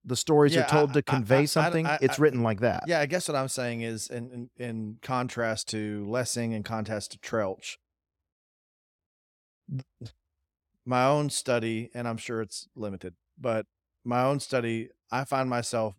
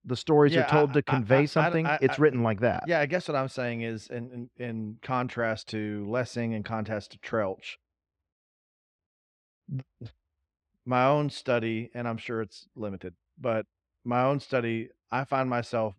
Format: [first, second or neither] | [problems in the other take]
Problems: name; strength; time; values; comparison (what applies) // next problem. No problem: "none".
first | muffled; slightly; fading above 3 kHz